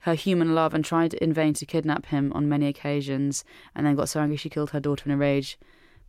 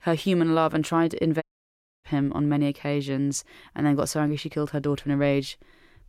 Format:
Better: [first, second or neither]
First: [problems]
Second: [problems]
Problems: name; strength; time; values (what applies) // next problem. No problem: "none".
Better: first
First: none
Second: audio cutting out; at 1.5 s for 0.5 s